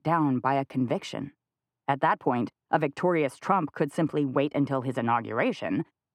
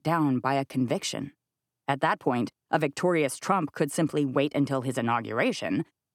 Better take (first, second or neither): second